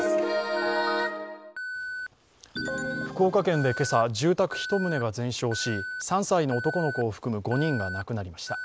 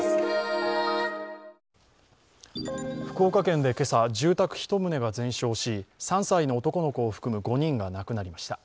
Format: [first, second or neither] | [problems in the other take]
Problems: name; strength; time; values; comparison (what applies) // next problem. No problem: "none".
second | background sound (Alarm); 10 dB below the speech